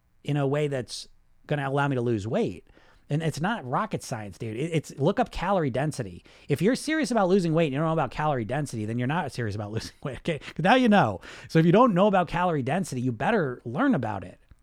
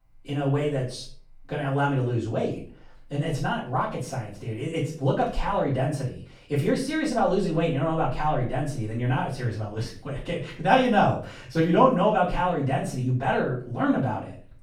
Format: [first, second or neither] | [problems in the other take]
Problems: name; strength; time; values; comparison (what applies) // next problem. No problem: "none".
first | off-mic speech; far // room echo; slight; dies away in 0.4 s